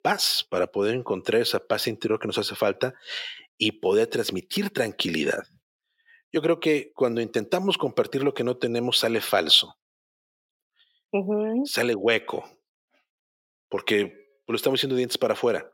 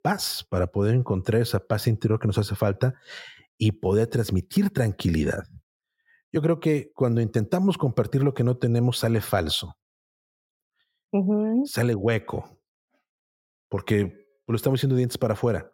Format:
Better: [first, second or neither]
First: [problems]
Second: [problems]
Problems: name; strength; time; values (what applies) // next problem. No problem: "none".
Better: second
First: thin; somewhat; fading below 350 Hz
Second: none